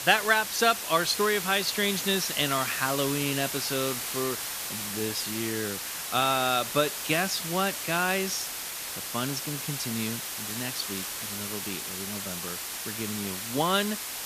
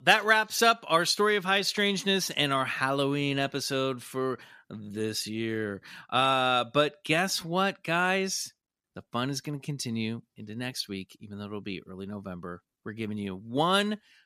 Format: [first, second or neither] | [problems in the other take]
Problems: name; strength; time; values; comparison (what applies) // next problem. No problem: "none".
second | hiss; loud; throughout; 4 dB below the speech